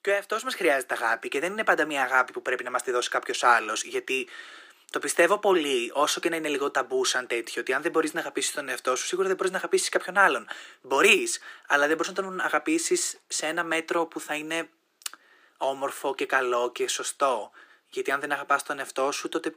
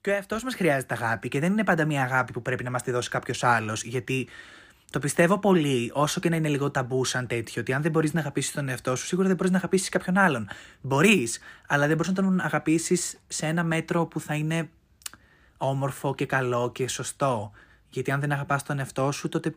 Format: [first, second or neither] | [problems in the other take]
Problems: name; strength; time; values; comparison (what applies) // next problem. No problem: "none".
second | thin; very; fading below 350 Hz